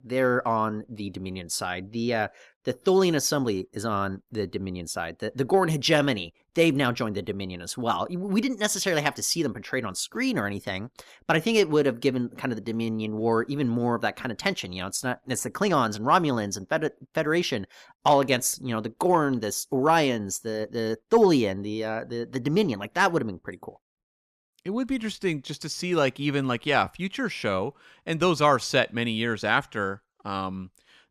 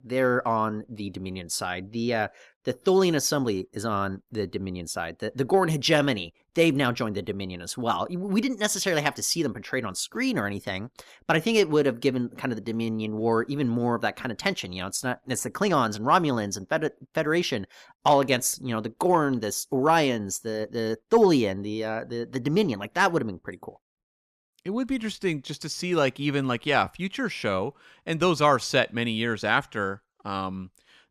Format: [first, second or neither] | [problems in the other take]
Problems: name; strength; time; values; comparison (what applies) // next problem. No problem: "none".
neither | none